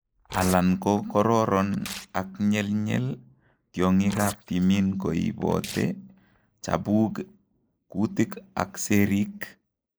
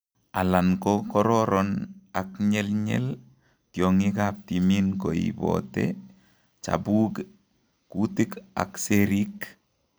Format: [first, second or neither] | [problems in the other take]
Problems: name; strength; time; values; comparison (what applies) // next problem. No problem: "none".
second | noise reduction (neural mask model Resemble Enhance denoiser)